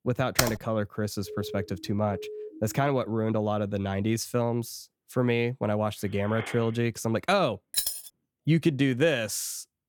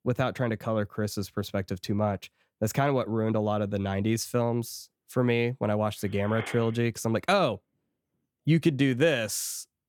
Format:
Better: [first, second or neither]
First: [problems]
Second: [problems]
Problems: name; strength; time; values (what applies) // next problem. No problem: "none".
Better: second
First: keyboard typing; loud; at 0.5 s; peak 1 dB above the speech // siren; faint; from 1.5 to 3 s; peak 10 dB below the speech // jangling keys; loud; at 7.5 s; peak level with the speech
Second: none